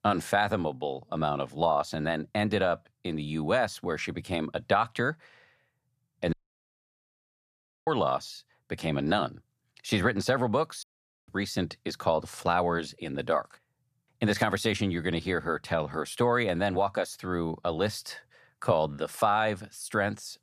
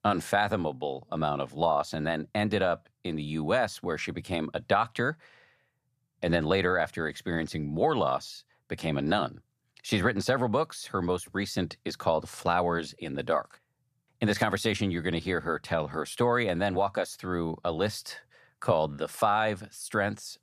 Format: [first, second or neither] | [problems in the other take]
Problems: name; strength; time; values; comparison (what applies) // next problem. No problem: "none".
second | audio cutting out; at 6.5 s for 1.5 s and at 11 s